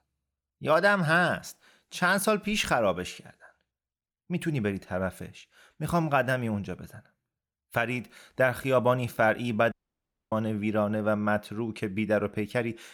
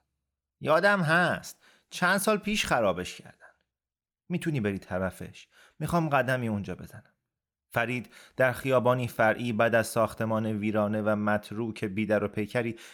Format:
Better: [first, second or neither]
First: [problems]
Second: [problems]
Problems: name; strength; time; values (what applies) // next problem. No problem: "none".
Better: second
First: audio cutting out; at 9.5 s for 0.5 s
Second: none